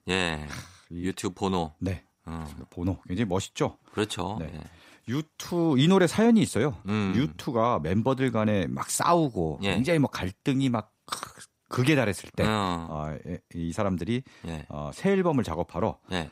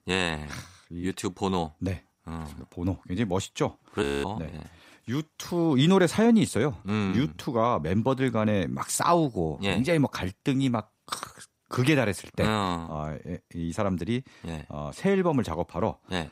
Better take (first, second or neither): first